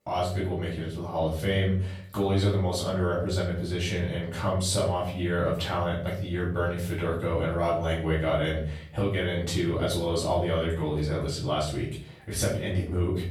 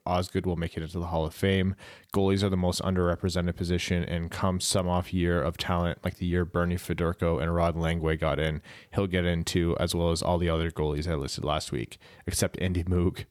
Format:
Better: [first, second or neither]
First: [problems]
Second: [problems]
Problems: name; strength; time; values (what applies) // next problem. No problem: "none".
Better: second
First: off-mic speech; far // room echo; noticeable; dies away in 0.5 s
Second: none